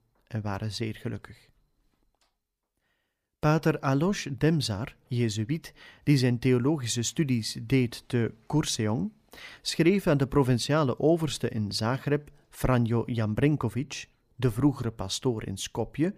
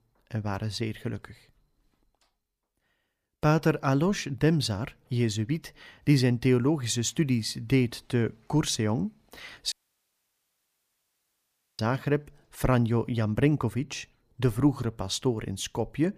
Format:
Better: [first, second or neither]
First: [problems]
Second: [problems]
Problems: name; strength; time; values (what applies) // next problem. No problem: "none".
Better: first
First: none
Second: audio cutting out; at 9.5 s for 2 s